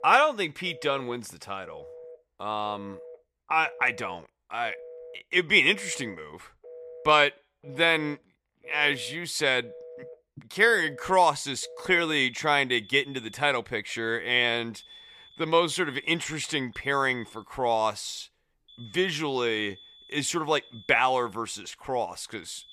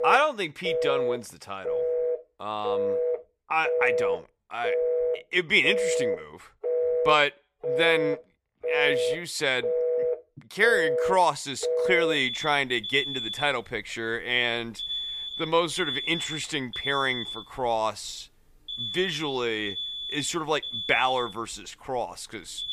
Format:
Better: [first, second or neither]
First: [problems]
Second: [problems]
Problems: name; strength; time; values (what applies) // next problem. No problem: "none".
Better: first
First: alarms or sirens; faint; throughout; 20 dB below the speech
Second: alarms or sirens; loud; throughout; 3 dB below the speech